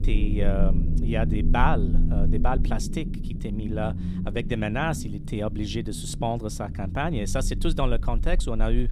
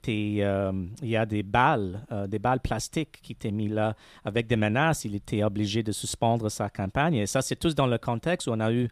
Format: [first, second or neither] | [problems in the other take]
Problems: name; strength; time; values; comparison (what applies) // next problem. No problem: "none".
second | low rumble; noticeable; throughout; 10 dB below the speech